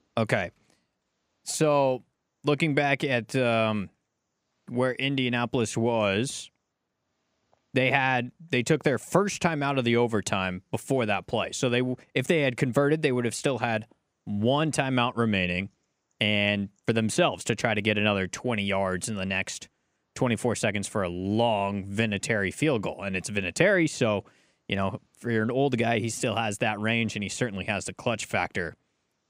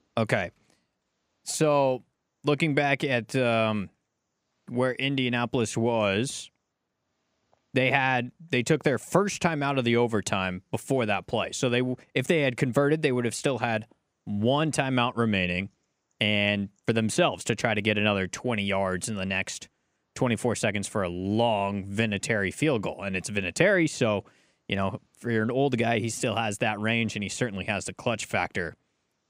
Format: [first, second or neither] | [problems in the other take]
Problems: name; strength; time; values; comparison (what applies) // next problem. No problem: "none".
neither | none